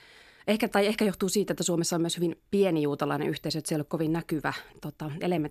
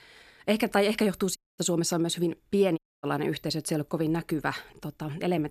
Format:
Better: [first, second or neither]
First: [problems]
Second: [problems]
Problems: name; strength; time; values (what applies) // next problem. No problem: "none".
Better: first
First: none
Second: audio cutting out; at 1.5 s and at 3 s